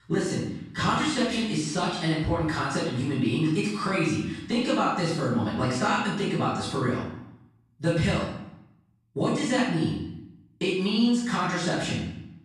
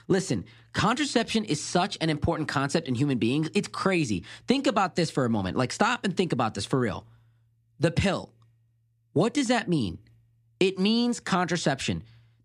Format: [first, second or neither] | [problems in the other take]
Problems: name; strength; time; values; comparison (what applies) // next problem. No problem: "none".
second | room echo; noticeable; dies away in 0.7 s // off-mic speech; far